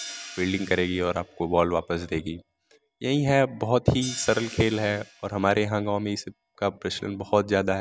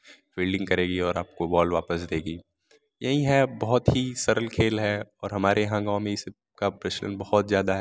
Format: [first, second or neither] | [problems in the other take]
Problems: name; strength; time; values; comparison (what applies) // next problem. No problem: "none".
second | background sound (Hi-hat); 19 dB below the speech